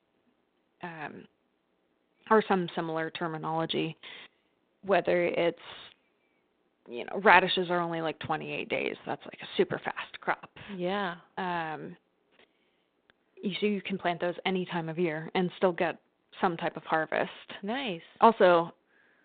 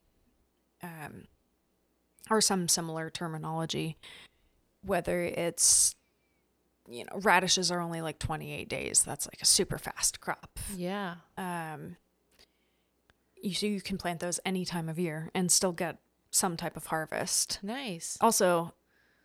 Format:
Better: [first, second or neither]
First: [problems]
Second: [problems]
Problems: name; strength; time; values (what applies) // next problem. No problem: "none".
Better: second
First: phone-call audio; nothing above 4 kHz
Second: none